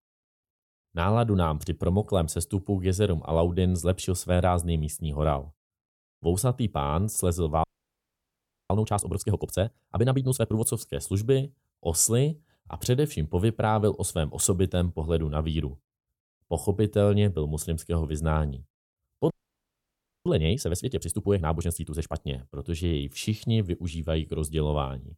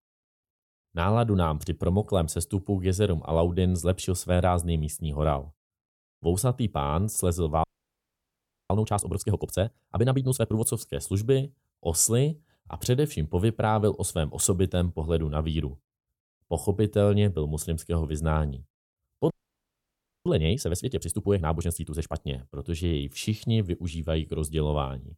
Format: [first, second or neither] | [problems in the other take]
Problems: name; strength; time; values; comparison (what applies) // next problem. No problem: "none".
neither | audio freezing; at 7.5 s for 1 s and at 19 s for 1 s; the same in both